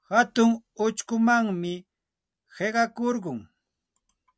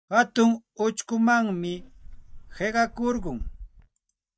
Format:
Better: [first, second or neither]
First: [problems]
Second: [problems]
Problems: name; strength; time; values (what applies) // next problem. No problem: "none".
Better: first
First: none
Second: noise reduction (neural mask model DeepFilterNet 3)